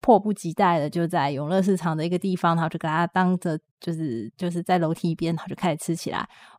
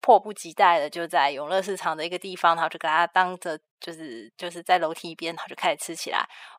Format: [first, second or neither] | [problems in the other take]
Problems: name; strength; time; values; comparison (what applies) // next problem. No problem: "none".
first | thin; very; fading below 650 Hz